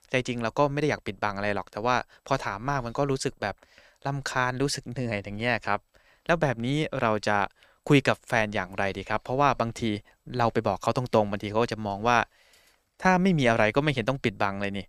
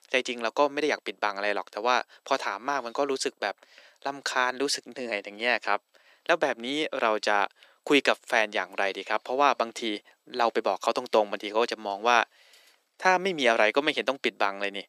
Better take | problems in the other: first | thin; somewhat; fading below 300 Hz

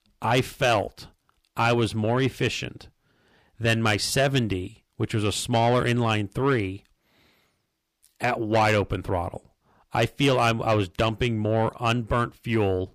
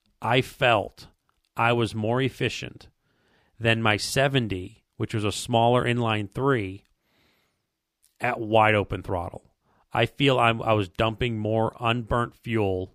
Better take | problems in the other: second | distortion; slight; 10 dB below the speech

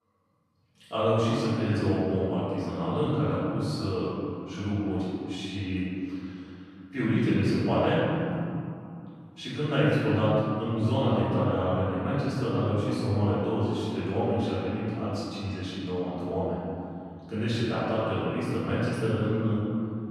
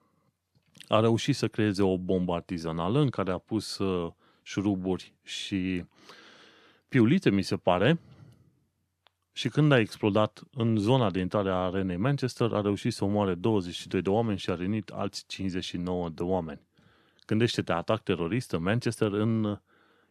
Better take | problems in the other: second | off-mic speech; far // room echo; strong; dies away in 2.5 s

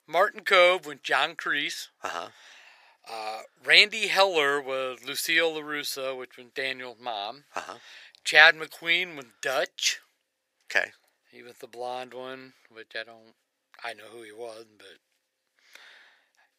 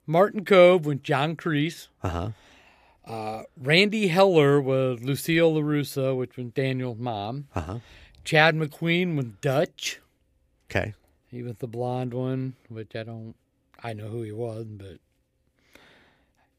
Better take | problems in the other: second | thin; very; fading below 700 Hz

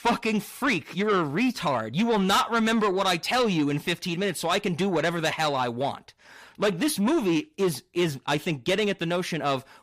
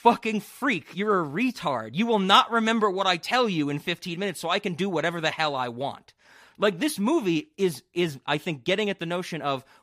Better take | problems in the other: second | distortion; heavy; 8 dB below the speech

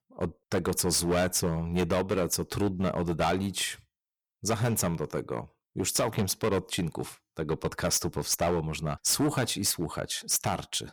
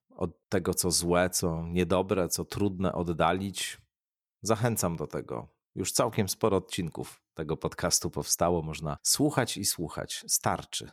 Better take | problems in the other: second | distortion; heavy; 9% of the sound clipped

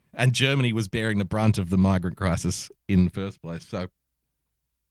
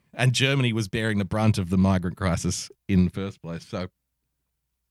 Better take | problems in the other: second | garbled, watery; slightly

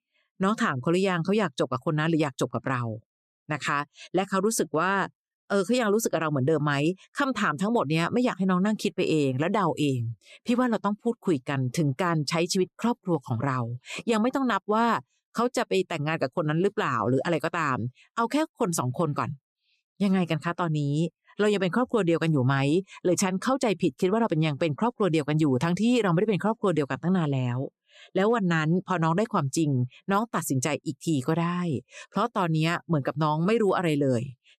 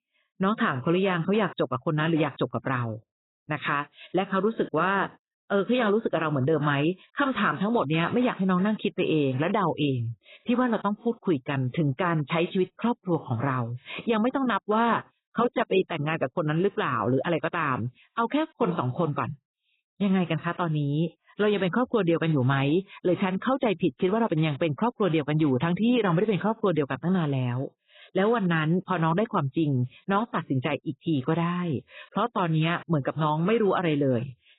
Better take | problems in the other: first | garbled, watery; badly; nothing above 4 kHz

